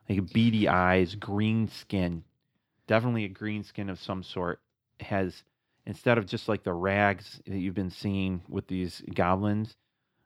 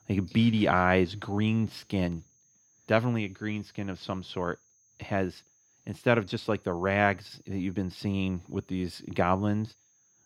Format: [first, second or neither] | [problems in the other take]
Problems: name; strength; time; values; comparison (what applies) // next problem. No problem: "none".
first | high-pitched whine; faint; throughout; 6.5 kHz, 35 dB below the speech